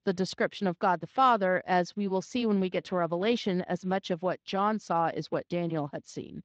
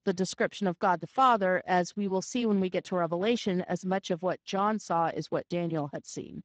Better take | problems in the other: first | garbled, watery; badly; nothing above 7.5 kHz; slightly in the first

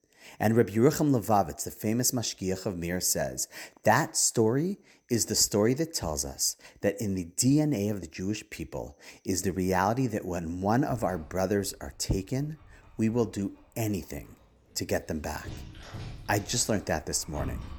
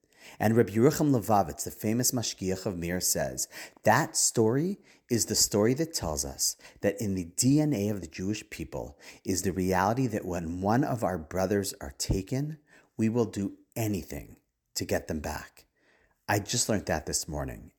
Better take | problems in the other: second | animal sounds; noticeable; throughout; 20 dB below the speech

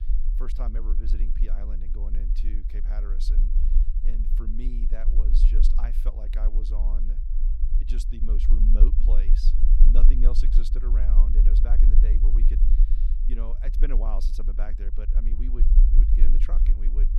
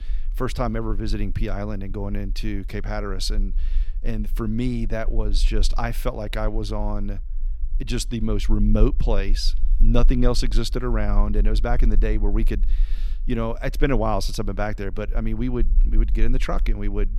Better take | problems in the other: second | low rumble; loud; throughout; 4 dB below the speech; faint in the second

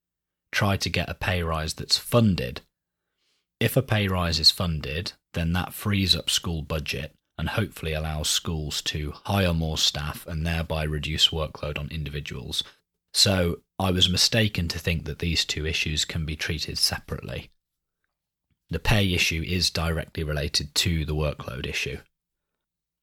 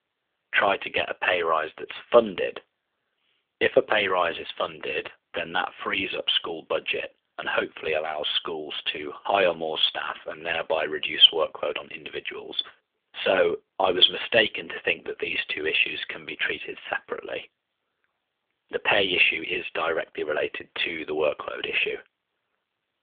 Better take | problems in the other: first | phone-call audio; nothing above 3.5 kHz

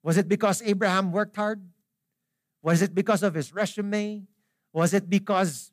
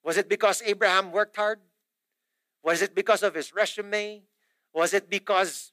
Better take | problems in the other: first | thin; very; fading below 350 Hz

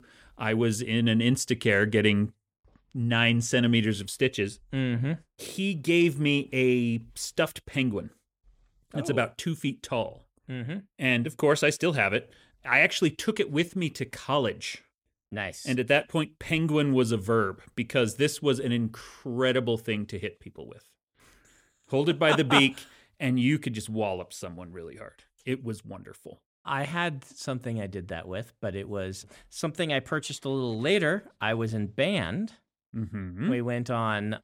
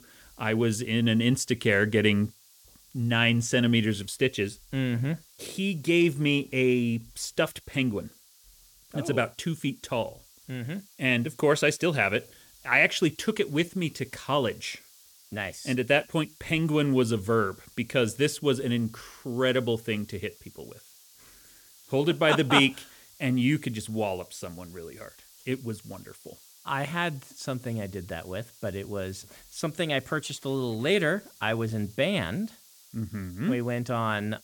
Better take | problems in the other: first | hiss; faint; throughout; 25 dB below the speech

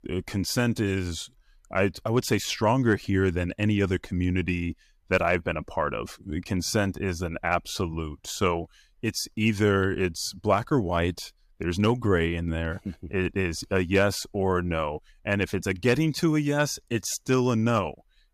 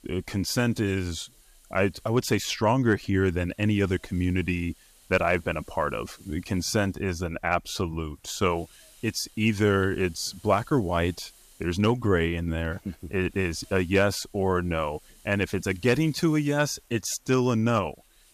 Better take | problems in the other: first | hiss; faint; throughout; 30 dB below the speech

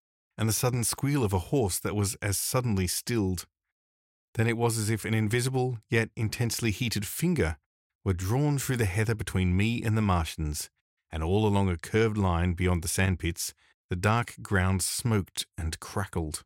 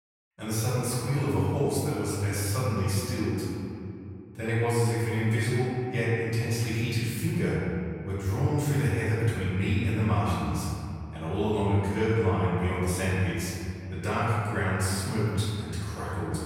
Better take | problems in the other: first | off-mic speech; far // room echo; strong; dies away in 2.4 s

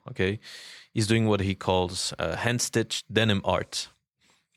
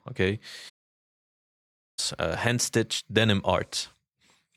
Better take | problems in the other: first | audio cutting out; at 0.5 s for 1.5 s

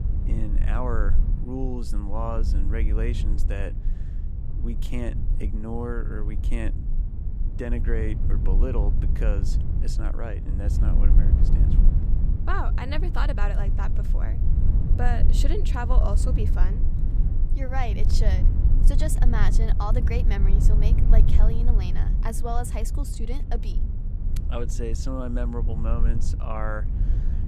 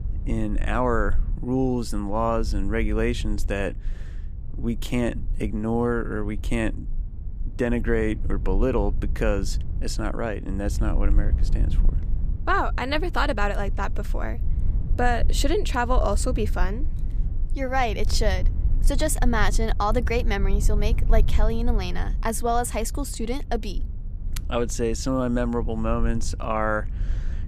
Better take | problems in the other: second | low rumble; loud; throughout; 7 dB below the speech; faint in the second

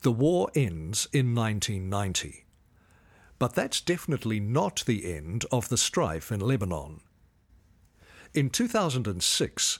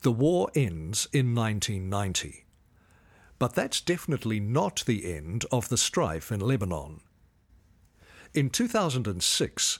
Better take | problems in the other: neither | none

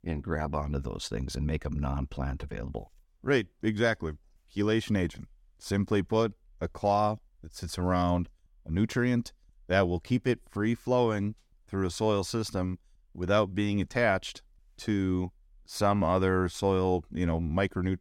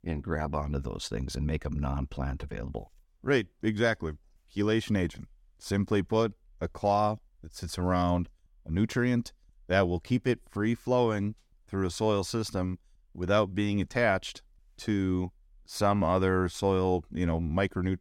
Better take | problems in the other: neither | none

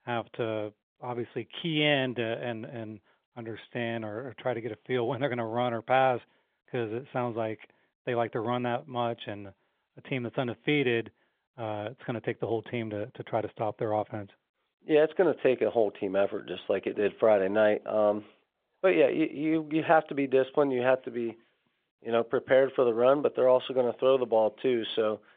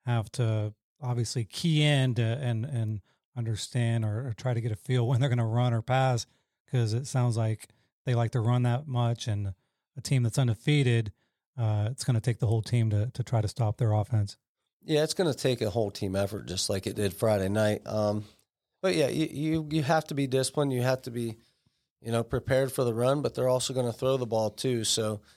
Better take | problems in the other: second | phone-call audio; nothing above 3.5 kHz

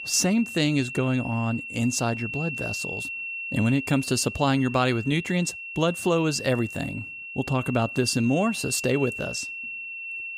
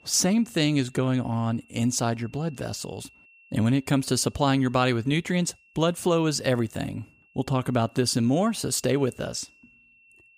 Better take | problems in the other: second | high-pitched whine; loud; throughout; 2.5 kHz, 8 dB below the speech; faint in the second

